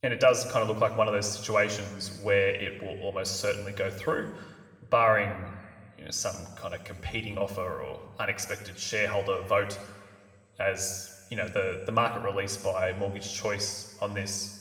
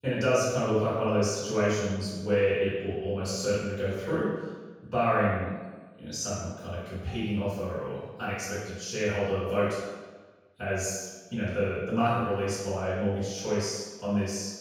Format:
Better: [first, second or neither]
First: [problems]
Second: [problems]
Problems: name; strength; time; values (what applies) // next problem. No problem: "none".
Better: first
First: room echo; slight; dies away in 1.6 s // off-mic speech; somewhat distant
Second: room echo; strong; dies away in 1.2 s // off-mic speech; far